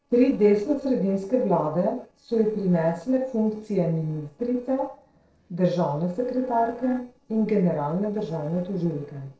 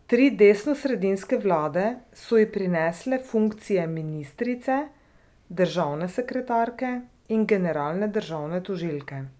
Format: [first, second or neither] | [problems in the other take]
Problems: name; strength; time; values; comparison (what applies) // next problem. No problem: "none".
second | noise reduction (neural separator model SepFormer DNS4)